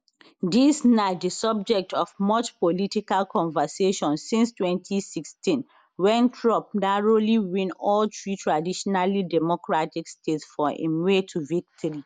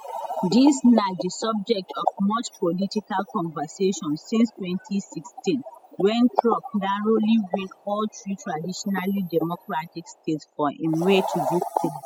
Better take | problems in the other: first | noise reduction (classical method spectral subtraction)

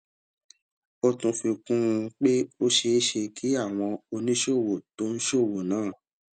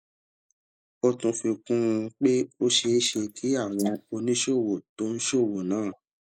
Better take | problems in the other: first | noise reduction (neural mask model Resemble Enhance denoiser)

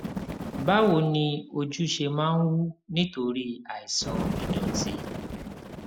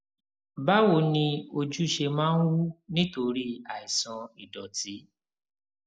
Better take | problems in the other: second | background sound (Bird); 7 dB below the speech

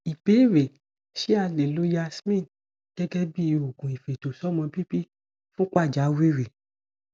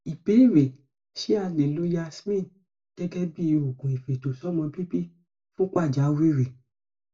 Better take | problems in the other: first | room echo; dies away in 0.2 s

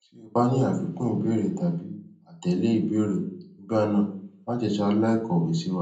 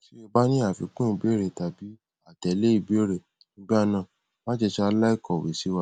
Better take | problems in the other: second | room echo; dies away in 0.6 s

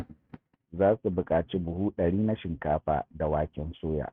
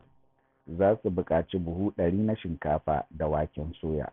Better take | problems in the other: second | noise reduction (neural mask model RNNoise)

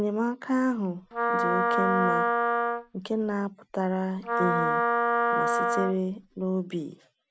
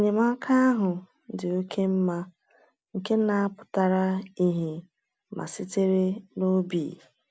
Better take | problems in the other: second | background sound (Wind instrument, woodwind instrument); 3 dB above the speech

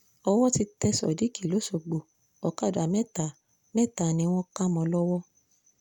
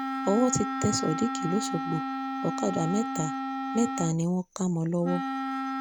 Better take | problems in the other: first | background sound (Wind instrument, woodwind instrument); 3 dB below the speech

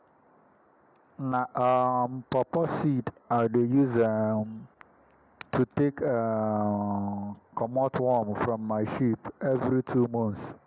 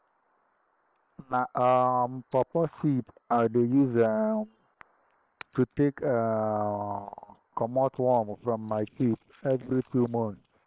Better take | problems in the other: first | noise reduction (neural separator model SepFormer WHAM!)

